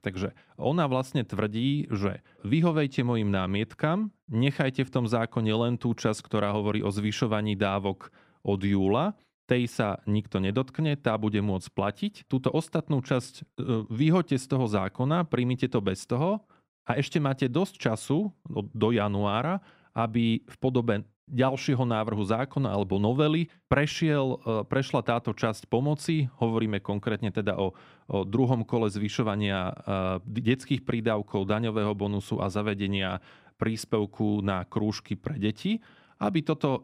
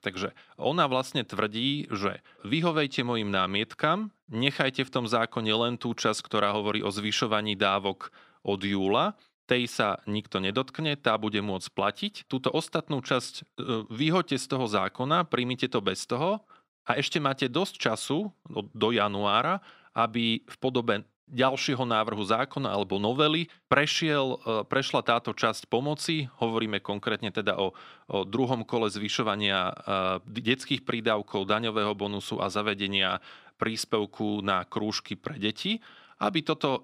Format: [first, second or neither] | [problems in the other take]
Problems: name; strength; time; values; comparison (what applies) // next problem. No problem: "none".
first | thin; very slightly; fading below 750 Hz